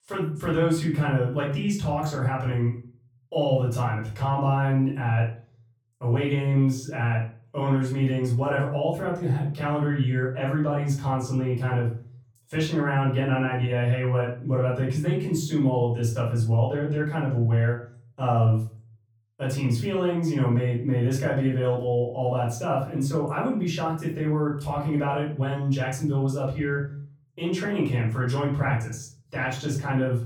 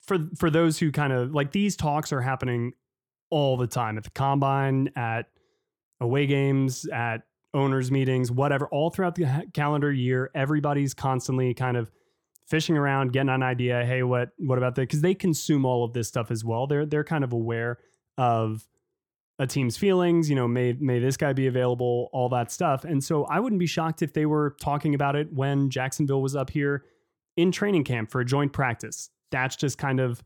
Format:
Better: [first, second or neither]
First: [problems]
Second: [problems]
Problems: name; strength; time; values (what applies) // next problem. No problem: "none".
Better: second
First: room echo; slight; dies away in 0.4 s // off-mic speech; far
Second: none